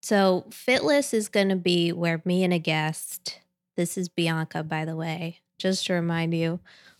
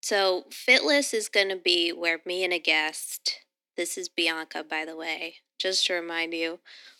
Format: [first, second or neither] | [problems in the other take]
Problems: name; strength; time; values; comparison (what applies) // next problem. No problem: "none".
first | thin; somewhat; fading below 250 Hz